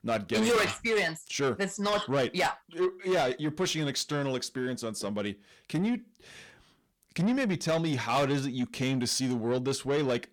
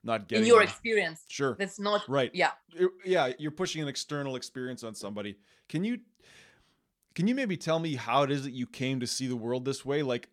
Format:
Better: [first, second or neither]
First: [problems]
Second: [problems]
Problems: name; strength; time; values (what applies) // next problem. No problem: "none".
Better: second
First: distortion; heavy; 6 dB below the speech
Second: none